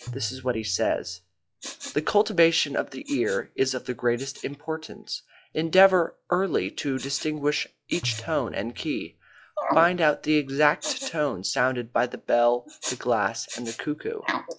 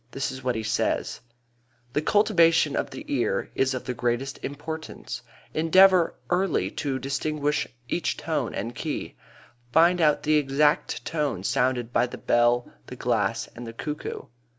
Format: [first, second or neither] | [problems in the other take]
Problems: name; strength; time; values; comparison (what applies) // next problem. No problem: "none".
second | noise reduction (classical method log-MMSE)